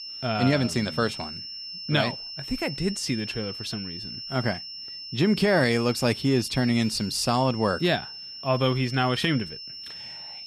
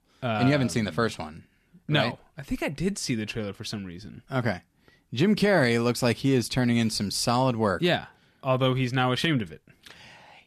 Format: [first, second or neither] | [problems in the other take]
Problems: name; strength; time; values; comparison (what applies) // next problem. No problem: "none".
second | high-pitched whine; loud; throughout; 5.5 kHz, 10 dB below the speech